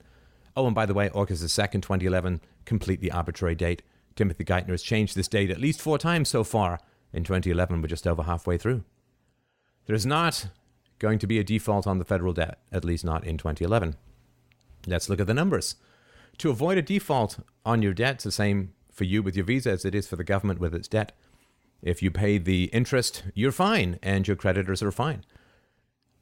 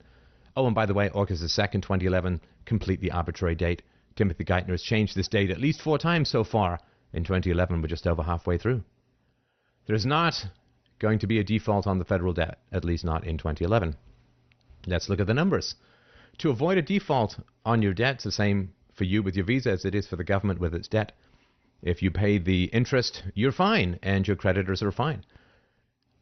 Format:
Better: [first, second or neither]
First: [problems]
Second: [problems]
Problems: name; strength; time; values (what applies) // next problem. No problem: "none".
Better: first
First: none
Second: garbled, watery; slightly; nothing above 6 kHz